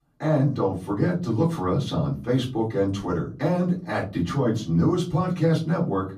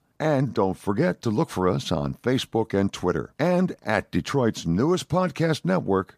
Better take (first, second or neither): second